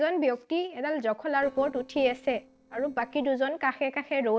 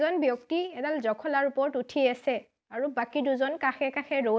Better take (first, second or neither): second